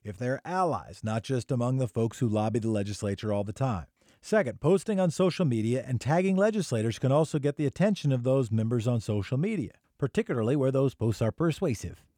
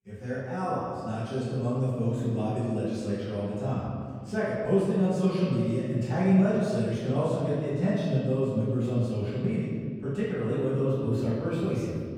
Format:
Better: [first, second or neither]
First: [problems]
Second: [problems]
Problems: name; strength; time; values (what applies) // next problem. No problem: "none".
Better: first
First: none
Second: room echo; strong; dies away in 2 s // off-mic speech; far